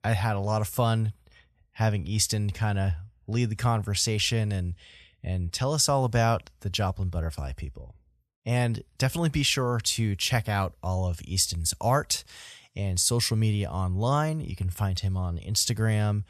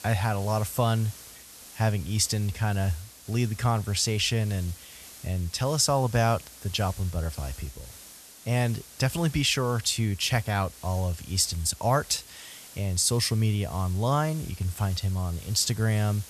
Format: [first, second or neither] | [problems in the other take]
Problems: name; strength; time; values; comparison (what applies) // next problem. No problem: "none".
first | hiss; noticeable; throughout; 20 dB below the speech